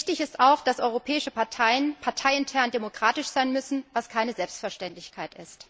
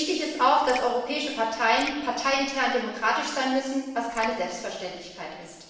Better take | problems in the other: first | background sound (Raindrop); 15 dB below the speech // room echo; dies away in 1.1 s

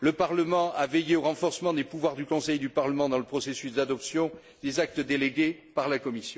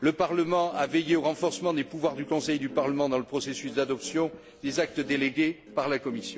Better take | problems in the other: first | background sound (Guitar); 18 dB below the speech

